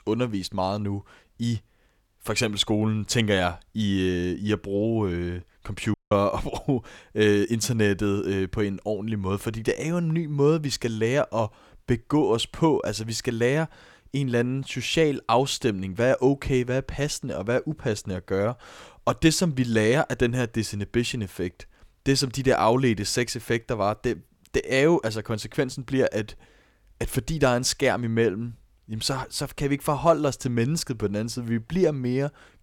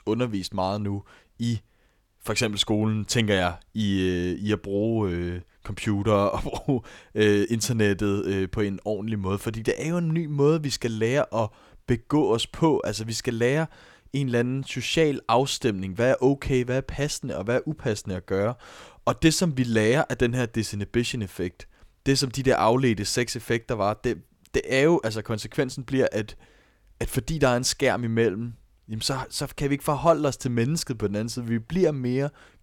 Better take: second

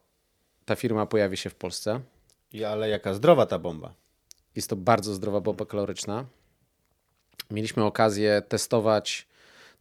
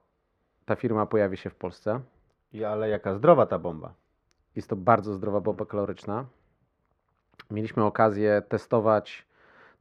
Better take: first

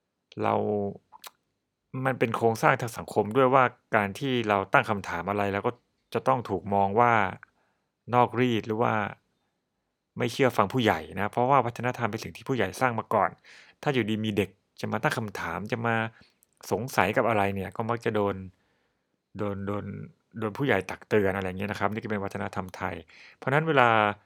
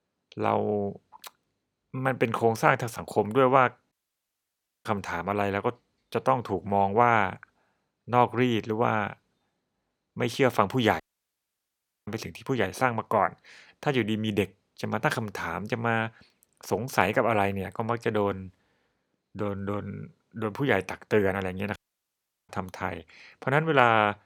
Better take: first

